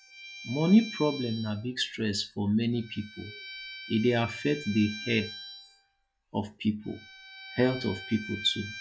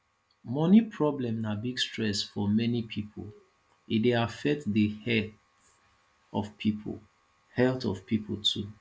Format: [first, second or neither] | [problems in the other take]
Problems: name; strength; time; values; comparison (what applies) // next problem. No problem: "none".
second | noise reduction (classical method log-MMSE)